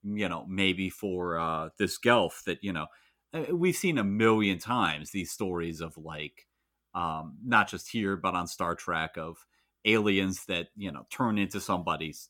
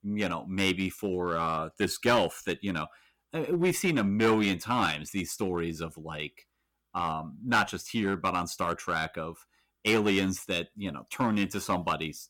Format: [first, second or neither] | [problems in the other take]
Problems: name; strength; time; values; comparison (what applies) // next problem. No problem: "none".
first | distortion; slight; 3% of the sound clipped